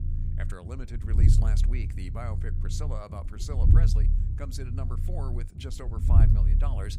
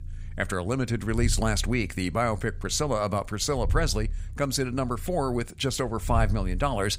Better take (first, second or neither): second